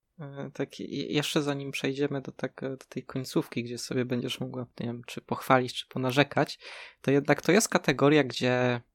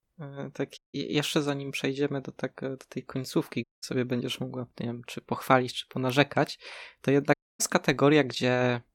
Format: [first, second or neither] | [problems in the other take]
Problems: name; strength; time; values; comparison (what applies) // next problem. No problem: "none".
first | audio cutting out; at 1 s, at 3.5 s and at 7.5 s